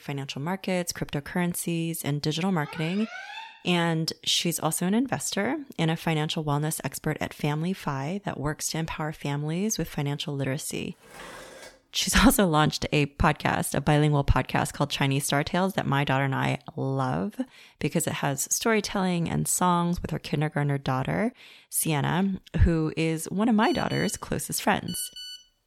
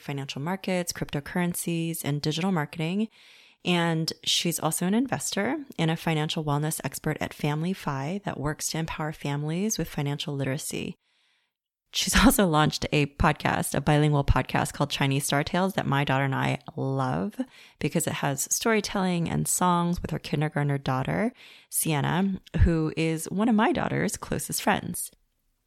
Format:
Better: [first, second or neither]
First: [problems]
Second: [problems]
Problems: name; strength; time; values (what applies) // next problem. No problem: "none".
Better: second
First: alarm; faint; from 2.5 to 3.5 s; peak 10 dB below the speech // clattering dishes; faint; at 11 s; peak 15 dB below the speech // phone ringing; faint; from 24 s on; peak 10 dB below the speech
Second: none